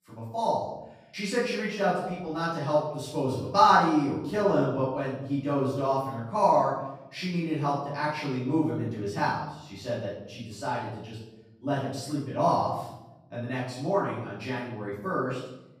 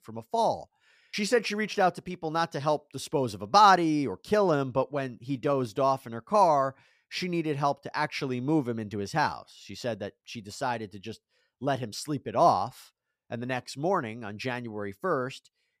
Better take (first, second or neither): second